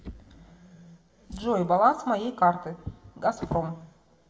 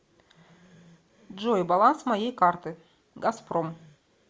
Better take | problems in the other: second | background sound (Drawer open or close); 15 dB below the speech // room echo; dies away in 1.1 s

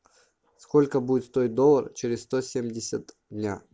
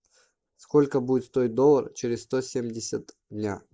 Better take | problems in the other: first | noise reduction (neural mask model Resemble Enhance denoiser)

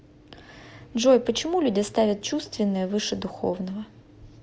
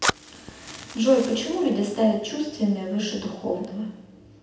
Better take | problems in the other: first | background sound (Fire); 10 dB below the speech // room echo; dies away in 0.9 s

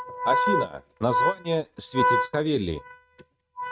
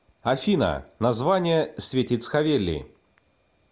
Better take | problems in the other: second | noise reduction (neural mask model RNNoise)

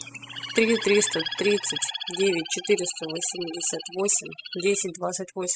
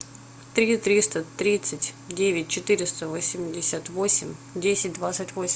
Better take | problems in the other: second | noise reduction (classical method spectral subtraction)

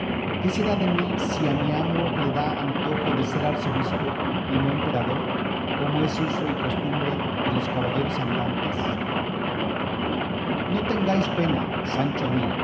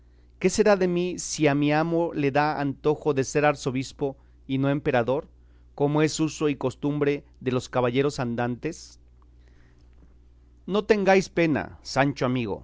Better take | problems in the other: second | background sound (Rain); 2 dB above the speech // room echo; dies away in 0.9 s

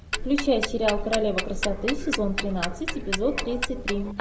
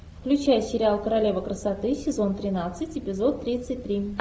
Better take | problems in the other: second | background sound (Tick-tock); 3 dB below the speech

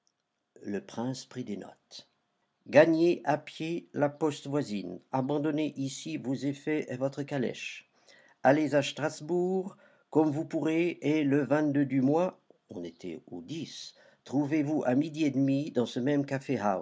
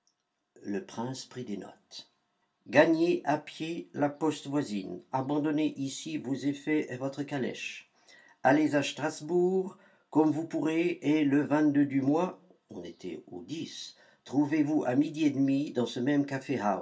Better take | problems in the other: first | room echo; dies away in 0.2 s

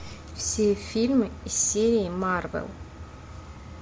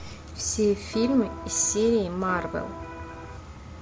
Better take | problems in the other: first | background sound (Electric guitar); 12 dB below the speech

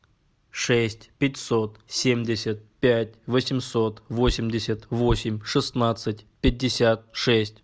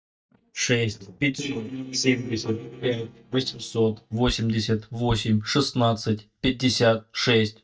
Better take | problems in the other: first | noise reduction (neural mask model DeepFilterNet 3)

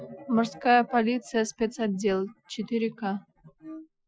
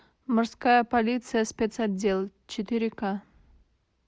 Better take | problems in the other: second | noise reduction (classical method Wiener filter)

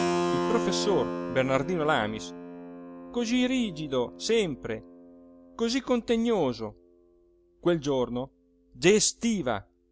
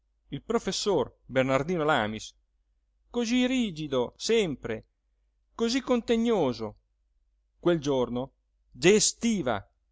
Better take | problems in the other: second | background sound (Keyboard (musical)); 7 dB below the speech

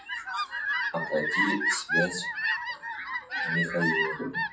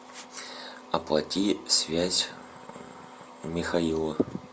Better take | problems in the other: second | noise reduction (classical method WPE with log-MMSE)

